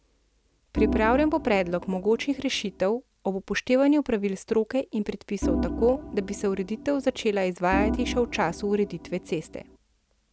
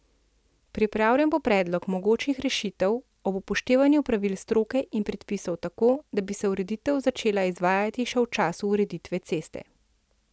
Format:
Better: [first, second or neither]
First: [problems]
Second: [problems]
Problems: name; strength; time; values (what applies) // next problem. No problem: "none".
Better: second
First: background sound (Organ); 6 dB below the speech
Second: none